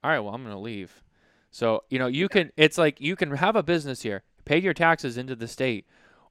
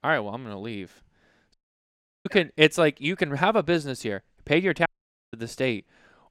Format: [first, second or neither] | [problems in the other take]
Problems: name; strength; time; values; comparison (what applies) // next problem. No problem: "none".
first | audio cutting out; at 1.5 s for 0.5 s and at 5 s